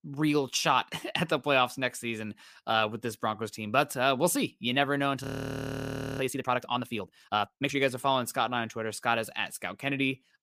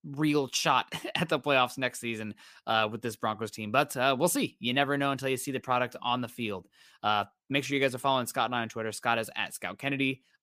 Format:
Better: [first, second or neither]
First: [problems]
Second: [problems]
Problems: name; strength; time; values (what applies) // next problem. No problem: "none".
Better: second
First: audio freezing; at 5 s for 1 s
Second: none